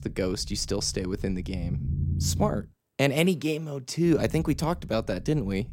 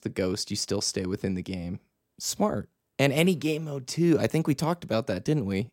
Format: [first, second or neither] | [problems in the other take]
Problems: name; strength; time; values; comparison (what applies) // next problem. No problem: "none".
second | low rumble; noticeable; until 2.5 s and from 4 s on; 20 dB below the speech